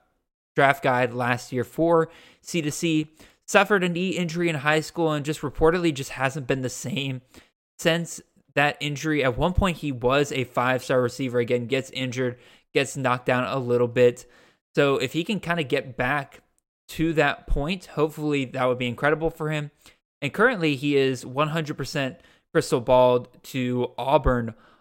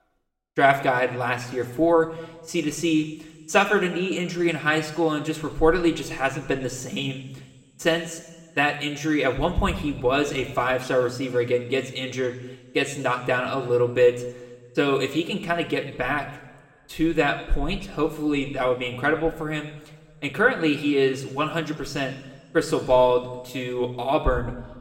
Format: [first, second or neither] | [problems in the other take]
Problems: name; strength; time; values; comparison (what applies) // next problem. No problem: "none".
first | room echo; slight; dies away in 1.3 s